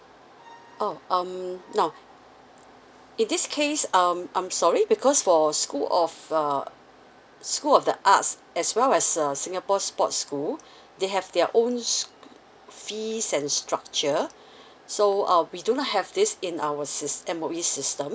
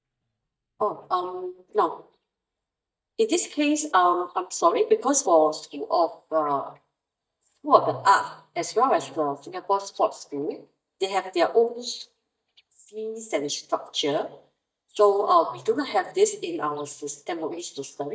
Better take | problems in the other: first | noise reduction (neural mask model DeepFilterNet 3)

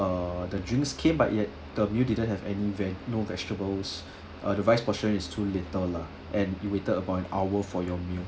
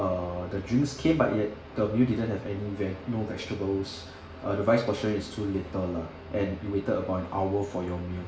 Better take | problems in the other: first | room echo; dies away in 0.7 s

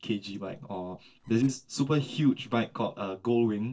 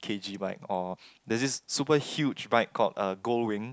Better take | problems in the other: second | noise reduction (neural separator model SepFormer DNS4)

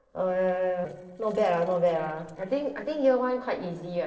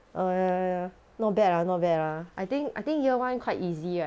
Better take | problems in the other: second | noise reduction (neural separator model SepFormer DNS4)

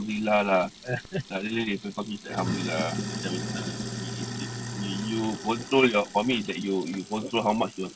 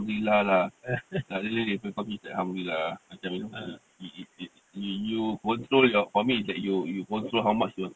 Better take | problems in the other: second | background sound (Sink (filling or washing)); 8 dB below the speech

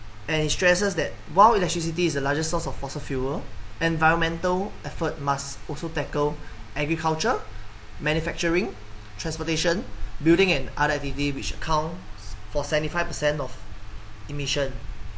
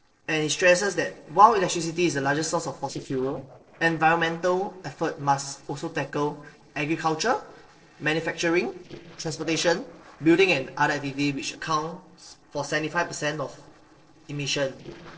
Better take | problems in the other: first | noise reduction (neural separator model SepFormer DNS4)

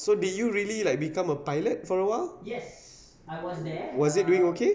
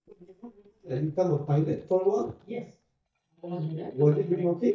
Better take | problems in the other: first | noise reduction (neural mask model DeepFilterNet 3)

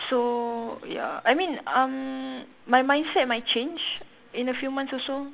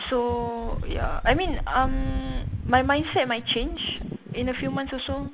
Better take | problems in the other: first | background sound (Wind); 4 dB below the speech

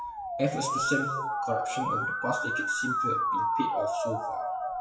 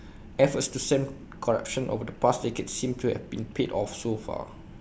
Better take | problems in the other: second | noise reduction (classical method WPE with log-MMSE)

